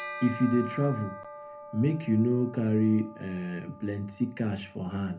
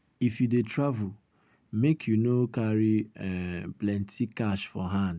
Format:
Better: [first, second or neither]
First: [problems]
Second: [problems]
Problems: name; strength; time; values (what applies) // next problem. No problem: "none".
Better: second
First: background sound (Bell); 15 dB below the speech // room echo; dies away in 0.3 s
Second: none